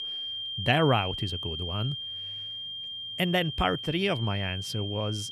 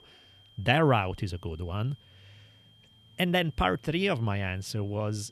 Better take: second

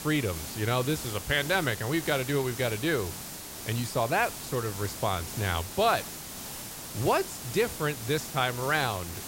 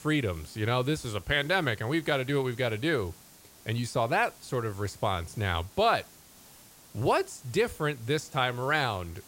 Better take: second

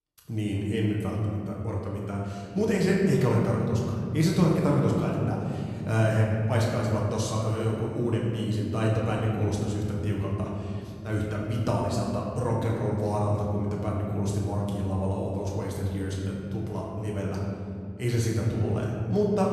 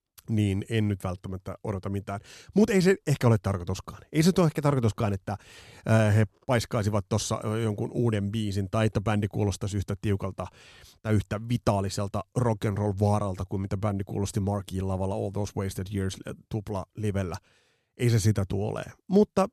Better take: second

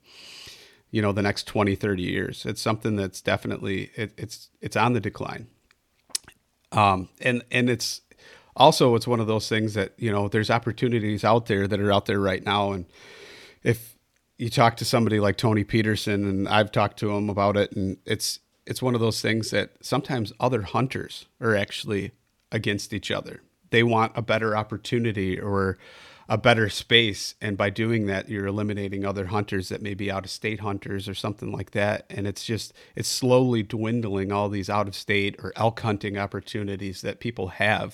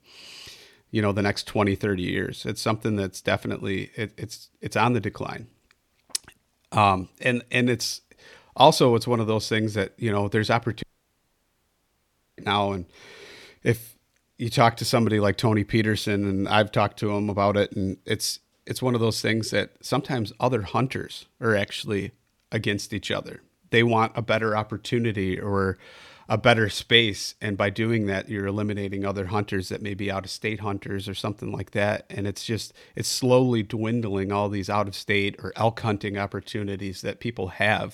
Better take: first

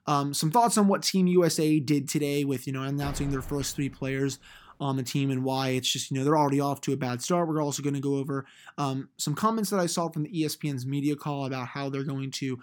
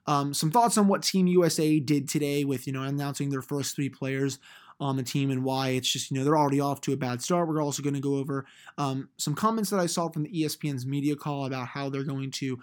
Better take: second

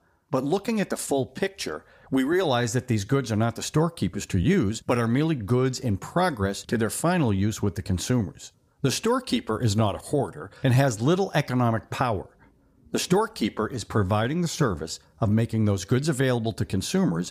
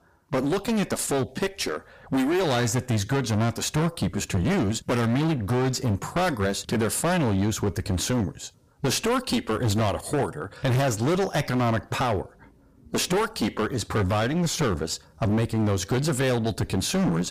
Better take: first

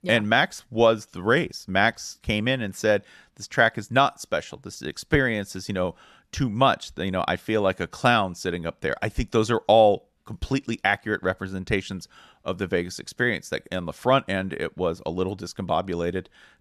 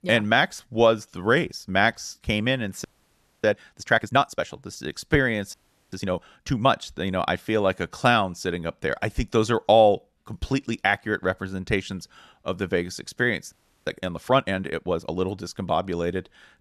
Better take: first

